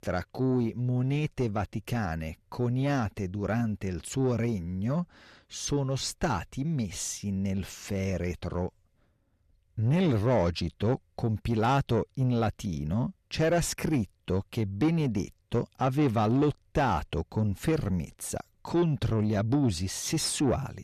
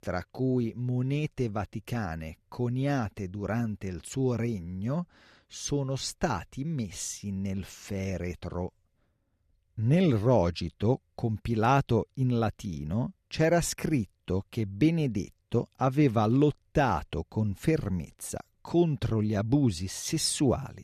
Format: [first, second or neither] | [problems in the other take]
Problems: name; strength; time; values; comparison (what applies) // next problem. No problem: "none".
second | distortion; slight; 10 dB below the speech